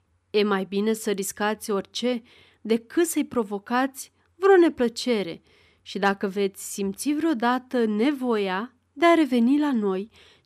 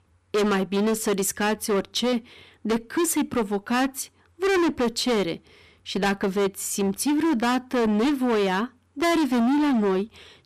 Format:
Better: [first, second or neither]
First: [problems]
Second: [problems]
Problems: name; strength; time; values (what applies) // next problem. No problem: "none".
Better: first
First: none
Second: distortion; heavy; 22% of the sound clipped